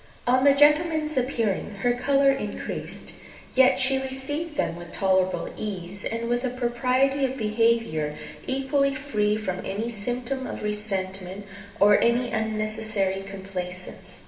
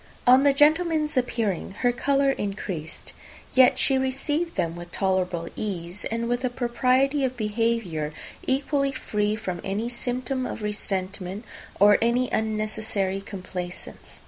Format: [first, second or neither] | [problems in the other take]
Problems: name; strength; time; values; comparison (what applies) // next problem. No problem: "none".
second | room echo; dies away in 2.9 s